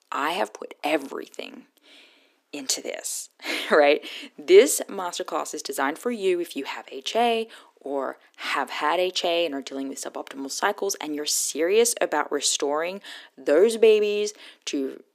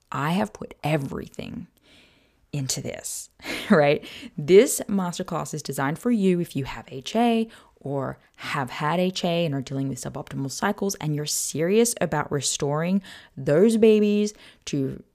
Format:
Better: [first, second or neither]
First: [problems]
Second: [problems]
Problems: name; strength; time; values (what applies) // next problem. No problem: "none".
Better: second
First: thin; somewhat; fading below 300 Hz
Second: none